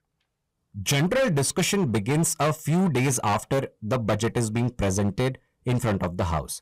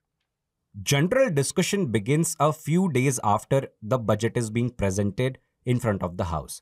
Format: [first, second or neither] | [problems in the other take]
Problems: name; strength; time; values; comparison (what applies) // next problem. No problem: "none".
second | distortion; heavy; 17% of the sound clipped